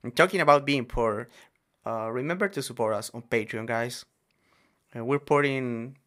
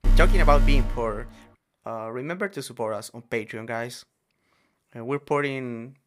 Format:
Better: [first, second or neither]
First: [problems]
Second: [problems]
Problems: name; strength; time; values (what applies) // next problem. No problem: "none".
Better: first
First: none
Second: alarm; loud; until 1 s; peak 5 dB above the speech